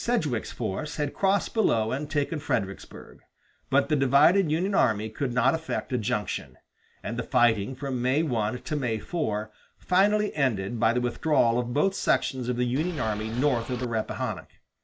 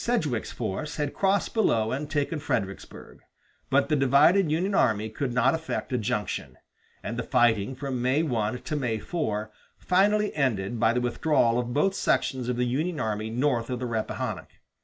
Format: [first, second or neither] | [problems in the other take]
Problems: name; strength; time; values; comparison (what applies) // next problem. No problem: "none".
second | background sound (Boat, Water vehicle); 12 dB below the speech